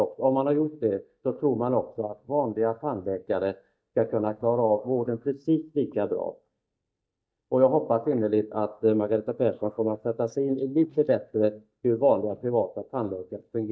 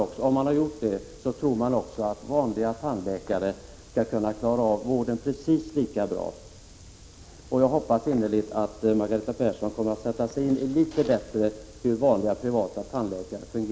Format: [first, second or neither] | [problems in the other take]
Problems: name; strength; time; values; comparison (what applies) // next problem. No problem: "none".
second | noise reduction (neural mask model DeepFilterNet 3)